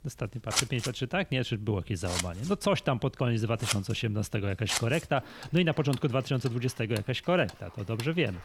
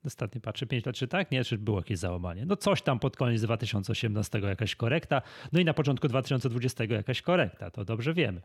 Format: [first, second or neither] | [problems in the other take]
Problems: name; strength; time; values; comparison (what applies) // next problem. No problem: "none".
second | household noises; loud; throughout; 5 dB below the speech